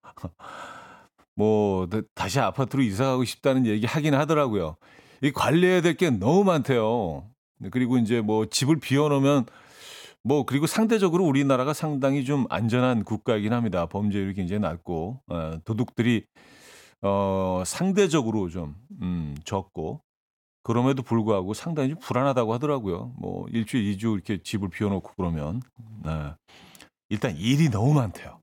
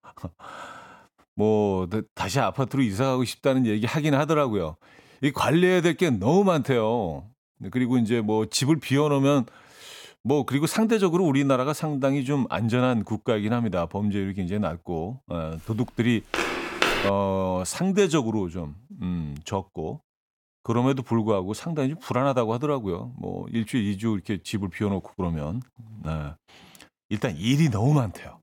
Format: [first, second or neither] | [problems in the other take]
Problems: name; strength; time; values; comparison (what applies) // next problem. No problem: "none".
first | footsteps; loud; at 16 s; peak 1 dB above the speech